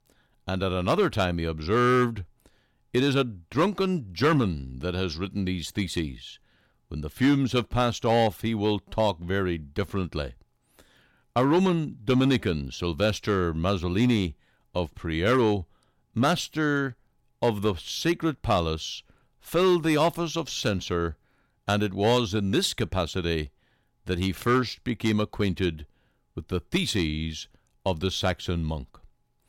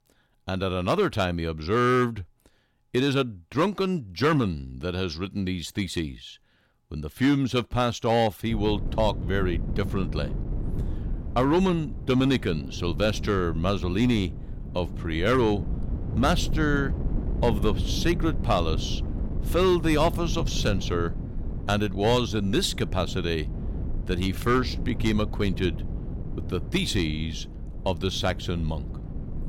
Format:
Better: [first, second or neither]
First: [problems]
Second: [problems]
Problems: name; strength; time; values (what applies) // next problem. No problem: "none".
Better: first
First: none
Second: wind noise on the microphone; occasional gusts; from 8.5 s on; 15 dB below the speech